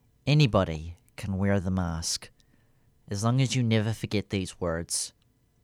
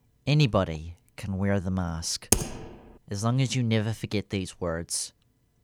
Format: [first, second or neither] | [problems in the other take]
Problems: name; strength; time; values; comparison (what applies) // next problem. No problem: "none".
first | keyboard typing; loud; at 2.5 s; peak 3 dB above the speech